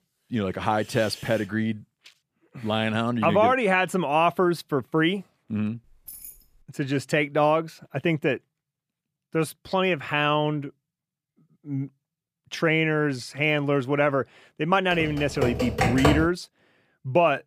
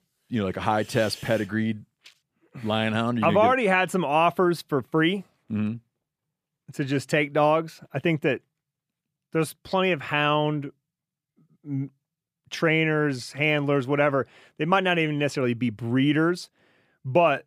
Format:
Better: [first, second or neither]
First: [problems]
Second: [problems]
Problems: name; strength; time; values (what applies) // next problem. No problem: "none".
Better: second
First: jangling keys; faint; at 6 s; peak 15 dB below the speech // keyboard typing; loud; from 15 to 16 s; peak 2 dB above the speech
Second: none